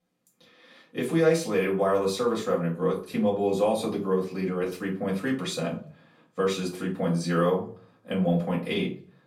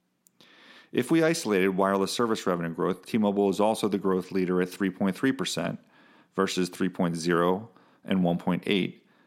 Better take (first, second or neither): second